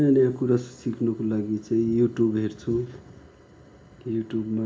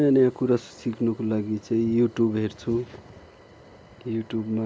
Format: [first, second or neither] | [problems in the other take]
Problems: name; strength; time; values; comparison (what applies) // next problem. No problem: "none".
second | room echo; dies away in 0.4 s